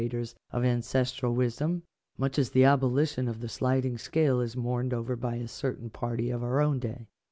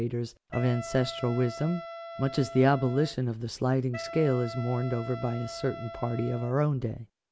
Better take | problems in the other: first | background sound (Wind instrument, woodwind instrument); 13 dB below the speech

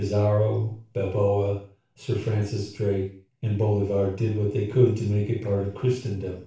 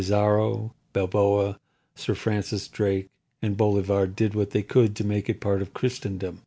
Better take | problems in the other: second | room echo; dies away in 0.4 s

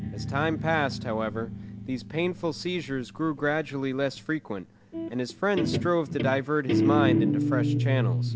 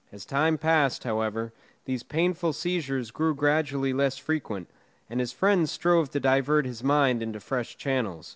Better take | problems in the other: second | background sound (Guitar); as loud as the speech

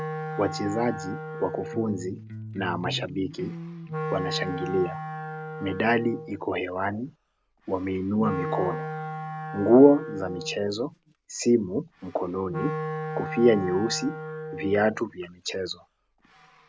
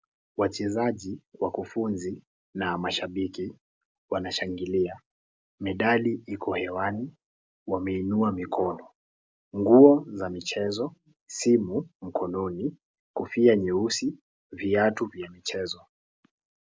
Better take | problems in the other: second | background sound (Wind instrument, woodwind instrument + Electric guitar); 9 dB below the speech

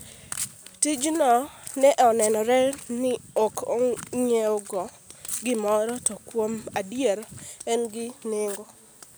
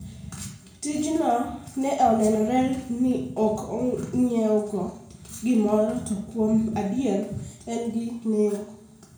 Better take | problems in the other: first | room echo; dies away in 0.6 s

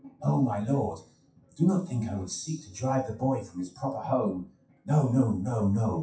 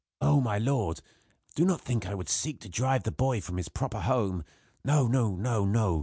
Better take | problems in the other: second | noise reduction (classical method WPE with log-MMSE)

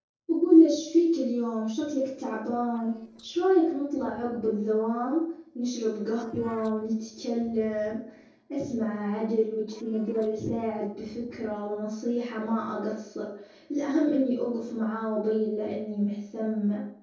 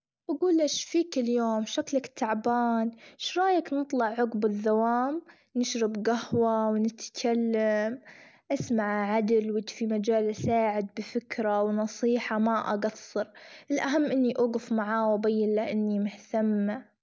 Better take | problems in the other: second | noise reduction (neural separator model SepFormer DNS4)

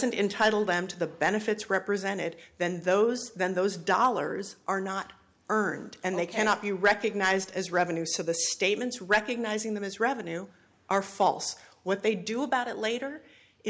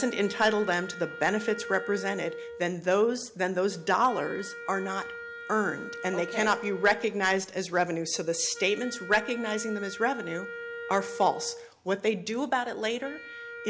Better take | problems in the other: first | background sound (Wind instrument, woodwind instrument); 12 dB below the speech

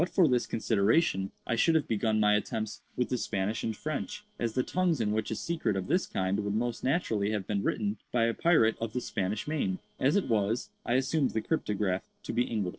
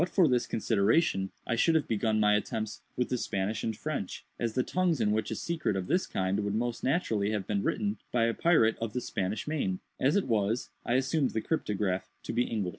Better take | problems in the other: second | noise reduction (neural separator model SepFormer DNS4)

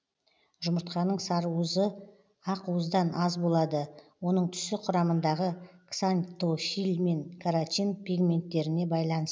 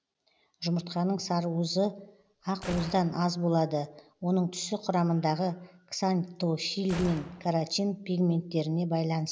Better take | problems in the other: first | background sound (Gunshot, gunfire); 16 dB below the speech

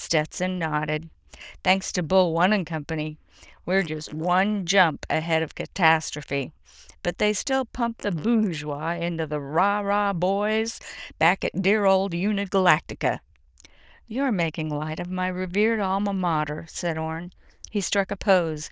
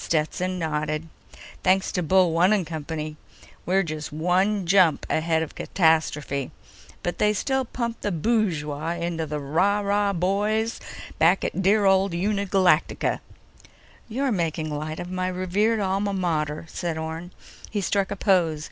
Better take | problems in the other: second | noise reduction (neural diffusion model UNIVERSE++)

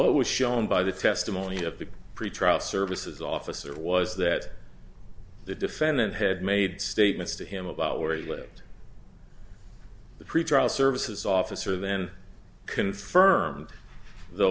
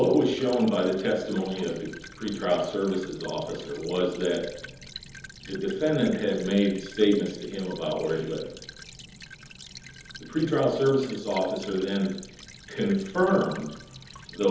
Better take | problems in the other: first | background sound (Stream / Trickle, dribble); 18 dB below the speech // room echo; dies away in 1.3 s

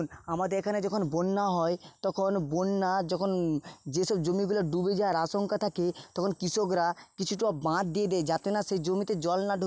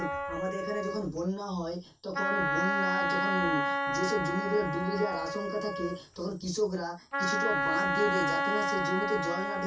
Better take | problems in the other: first | background sound (Wind instrument, woodwind instrument); 1 dB above the speech // room echo; dies away in 0.2 s

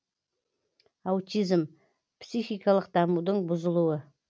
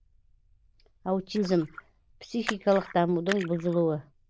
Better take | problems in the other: first | noise reduction (neural diffusion model UNIVERSE++)

